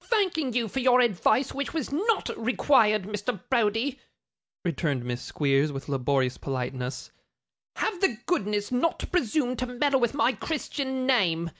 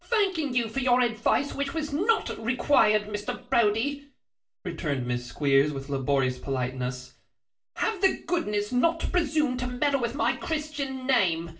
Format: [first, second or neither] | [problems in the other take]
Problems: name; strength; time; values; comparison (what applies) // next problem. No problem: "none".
first | room echo; dies away in 0.3 s